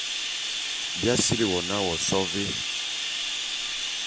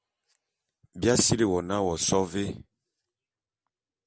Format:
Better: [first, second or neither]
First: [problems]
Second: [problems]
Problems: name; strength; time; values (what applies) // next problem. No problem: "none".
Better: second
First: background sound (Bathtub (filling or washing)); as loud as the speech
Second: none